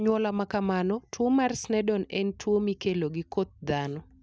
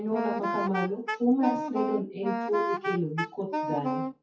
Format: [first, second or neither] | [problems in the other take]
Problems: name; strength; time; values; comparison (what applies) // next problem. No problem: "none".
first | noise reduction (classical method WPE with log-MMSE)